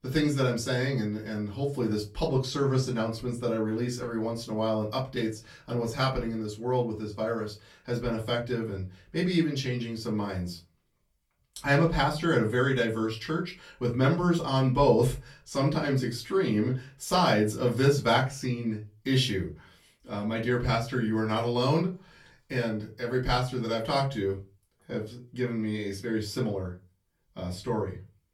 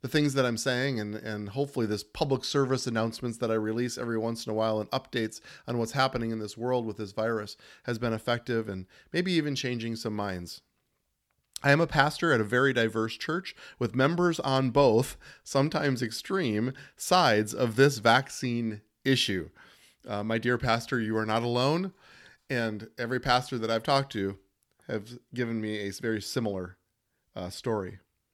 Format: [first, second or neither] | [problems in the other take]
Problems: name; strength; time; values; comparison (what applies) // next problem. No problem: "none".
second | off-mic speech; far // room echo; very slight; dies away in 0.2 s